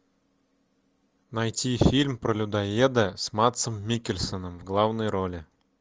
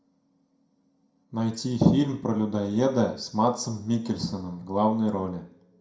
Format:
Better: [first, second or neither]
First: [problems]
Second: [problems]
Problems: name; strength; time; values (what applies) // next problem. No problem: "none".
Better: first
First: none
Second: room echo; dies away in 0.5 s